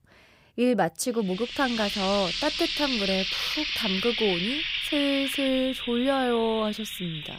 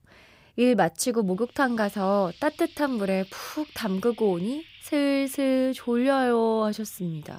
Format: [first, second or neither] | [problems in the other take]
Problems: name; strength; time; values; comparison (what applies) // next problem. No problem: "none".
second | household noises; loud; from 1.5 s on; 1 dB below the speech; faint in the second